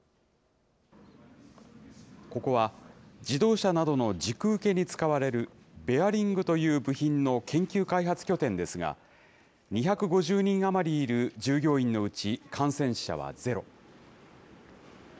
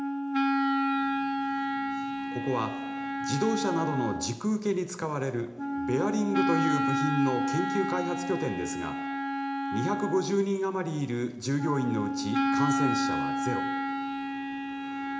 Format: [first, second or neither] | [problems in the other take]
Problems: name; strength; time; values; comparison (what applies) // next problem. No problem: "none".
first | background sound (Wind instrument, woodwind instrument); 1 dB above the speech // room echo; dies away in 0.8 s